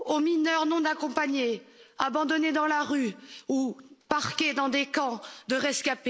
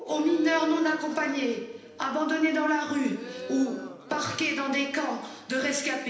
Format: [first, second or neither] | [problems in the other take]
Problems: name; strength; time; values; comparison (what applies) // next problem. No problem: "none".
first | background sound (Crowd); 16 dB below the speech // room echo; dies away in 0.9 s